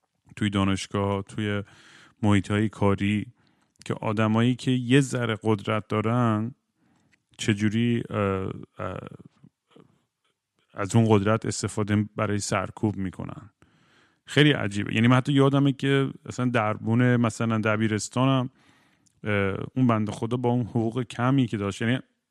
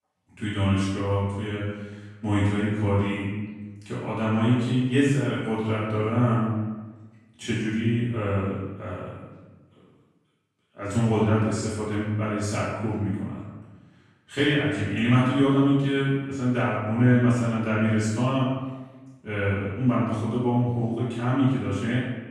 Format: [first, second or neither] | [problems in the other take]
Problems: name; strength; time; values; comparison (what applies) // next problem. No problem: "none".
first | off-mic speech; far // room echo; strong; dies away in 1.1 s